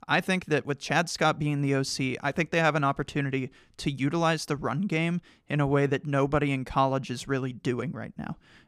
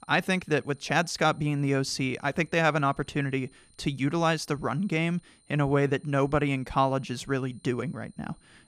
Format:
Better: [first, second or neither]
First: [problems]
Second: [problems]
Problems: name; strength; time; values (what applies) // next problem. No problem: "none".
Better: first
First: none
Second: high-pitched whine; faint; throughout; 9 kHz, 30 dB below the speech